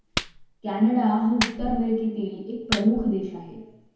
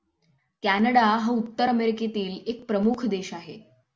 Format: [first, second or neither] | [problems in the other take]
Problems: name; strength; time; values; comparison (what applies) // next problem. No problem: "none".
second | background sound (Clapping); 9 dB below the speech // room echo; dies away in 1 s